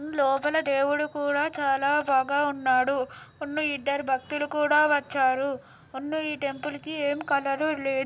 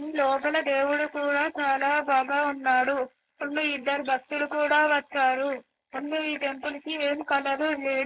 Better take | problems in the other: first | noise reduction (neural mask model Resemble Enhance denoiser)

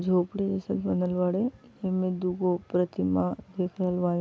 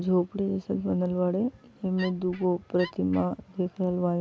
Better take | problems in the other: first | background sound (Wood); 16 dB below the speech

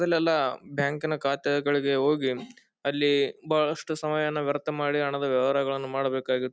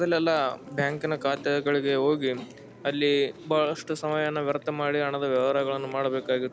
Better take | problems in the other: first | background sound (Chewing, mastication); 18 dB below the speech

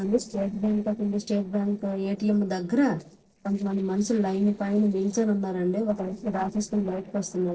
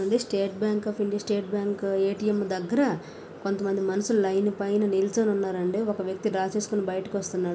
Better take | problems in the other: second | noise reduction (neural separator model SepFormer DNS4)

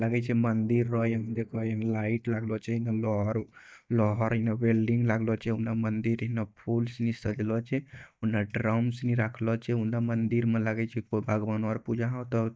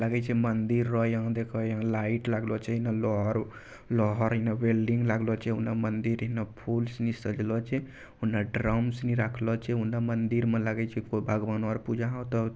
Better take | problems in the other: second | noise reduction (neural mask model DeepFilterNet 3)

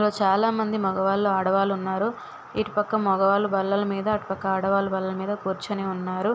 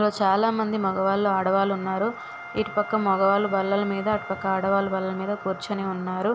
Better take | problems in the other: first | background sound (Wind instrument, woodwind instrument); 17 dB below the speech

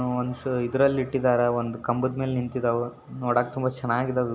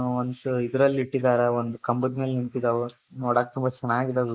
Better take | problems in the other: first | noise reduction (neural mask model Resemble Enhance denoiser)

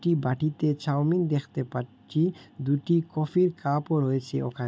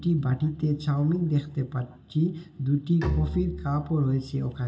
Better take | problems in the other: first | background sound (Bowed string instrument); 11 dB below the speech // room echo; dies away in 1.4 s

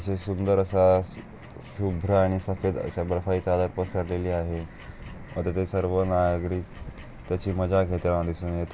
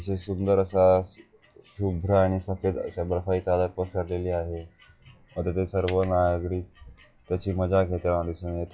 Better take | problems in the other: first | noise reduction (classical method log-MMSE)

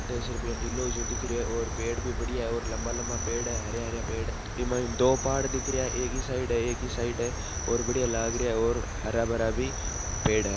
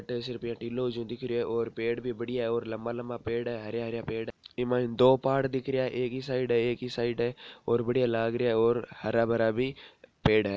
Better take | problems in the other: second | background sound (Cricket); 2 dB below the speech

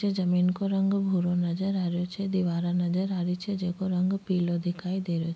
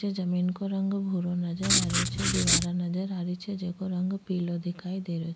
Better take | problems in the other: first | background sound (Writing); 3 dB above the speech

